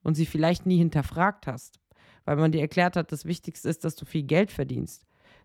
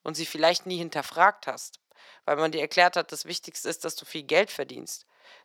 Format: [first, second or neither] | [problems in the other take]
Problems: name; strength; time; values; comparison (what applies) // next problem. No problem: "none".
first | thin; very; fading below 650 Hz